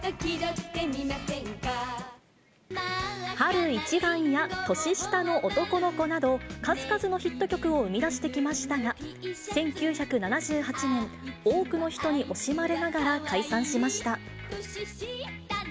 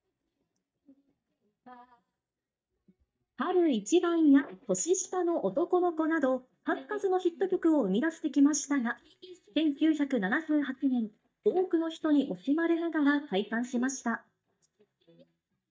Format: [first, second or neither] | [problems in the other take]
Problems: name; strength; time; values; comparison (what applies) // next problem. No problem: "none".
first | noise reduction (neural mask model DeepFilterNet 3)